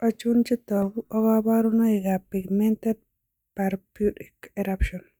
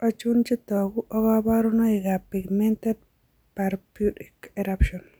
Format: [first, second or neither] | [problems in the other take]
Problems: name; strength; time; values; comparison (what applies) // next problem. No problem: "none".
second | noise reduction (neural mask model DeepFilterNet 3)